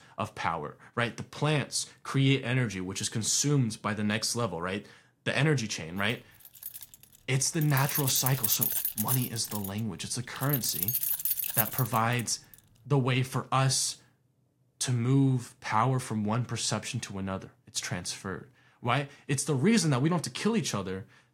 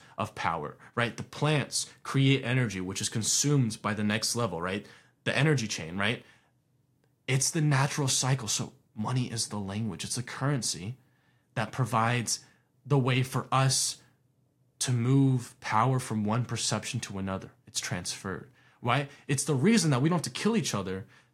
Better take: second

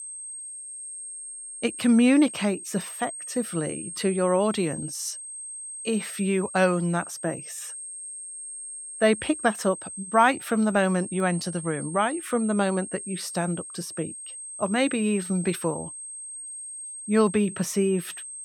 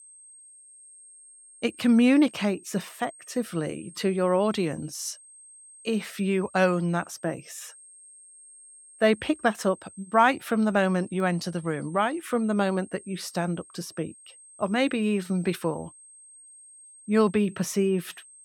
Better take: second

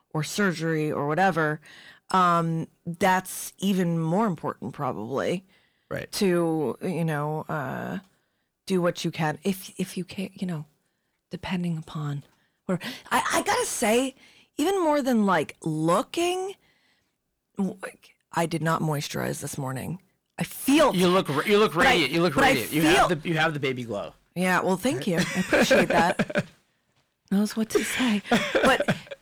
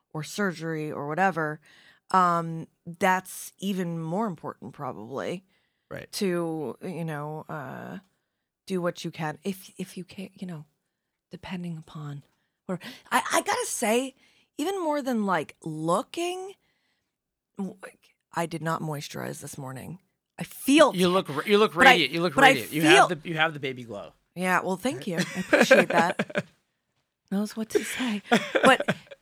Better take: second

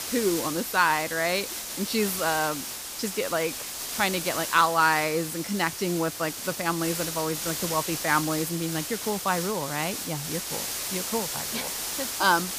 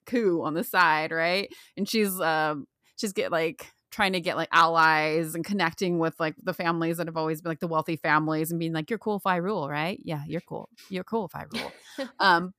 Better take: second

